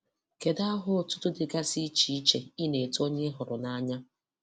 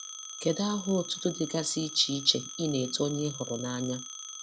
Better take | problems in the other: first | background sound (Telephone); 11 dB below the speech

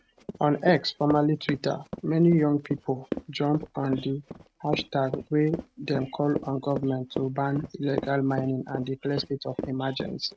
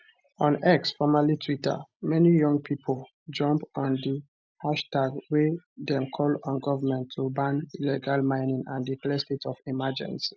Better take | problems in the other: second | noise reduction (neural mask model RNNoise)

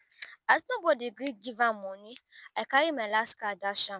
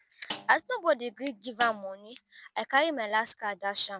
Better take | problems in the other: first | background sound (Snare drum); 15 dB below the speech

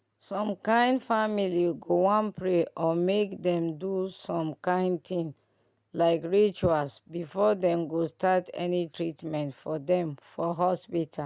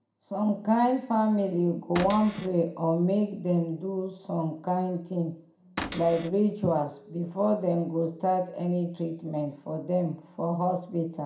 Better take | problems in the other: first | background sound (Cupboard open or close / Door); 10 dB below the speech // room echo; dies away in 0.5 s

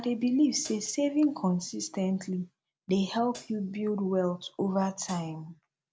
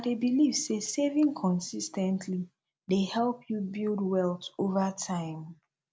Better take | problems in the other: second | background sound (Hi-hat); 20 dB below the speech

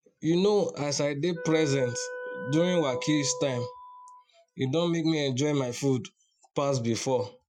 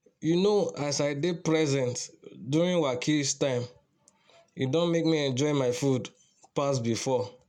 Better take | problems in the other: second | noise reduction (classical method Wiener filter)

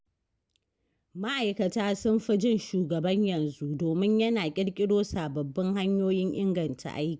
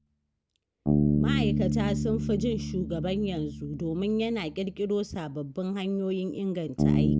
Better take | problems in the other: first | background sound (Bass guitar); 1 dB above the speech

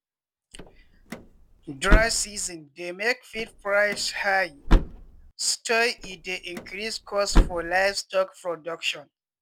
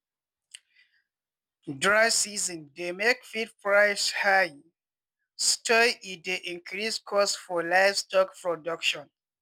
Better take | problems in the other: second | background sound (Slam / Car); 2 dB above the speech

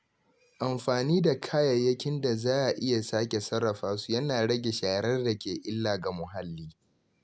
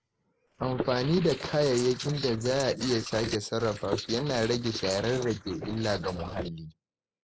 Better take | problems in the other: first | noise reduction (neural mask model Resemble Enhance denoiser)

